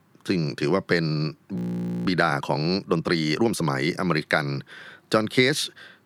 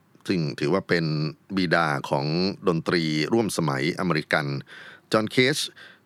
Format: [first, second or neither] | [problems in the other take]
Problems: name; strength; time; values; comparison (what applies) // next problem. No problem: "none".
second | audio freezing; at 1.5 s for 0.5 s